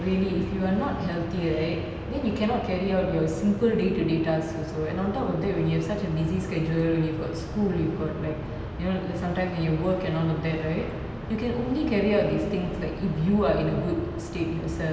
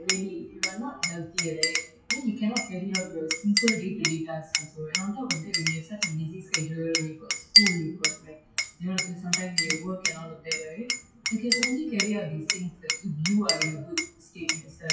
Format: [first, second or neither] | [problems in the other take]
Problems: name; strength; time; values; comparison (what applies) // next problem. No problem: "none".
first | noise reduction (classical method WPE with log-MMSE)